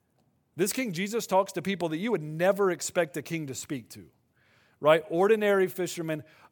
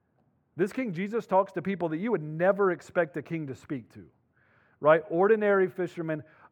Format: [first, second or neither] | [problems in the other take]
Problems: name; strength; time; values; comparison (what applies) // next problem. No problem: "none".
first | muffled; very; fading above 3 kHz